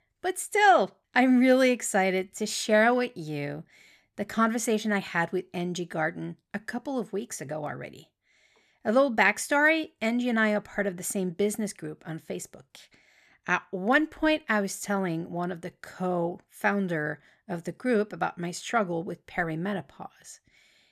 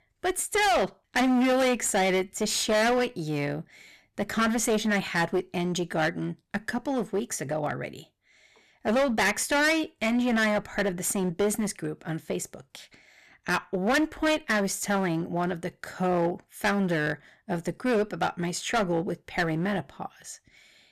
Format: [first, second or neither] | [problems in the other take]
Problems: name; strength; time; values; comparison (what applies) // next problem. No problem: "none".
first | distortion; heavy; 13% of the sound clipped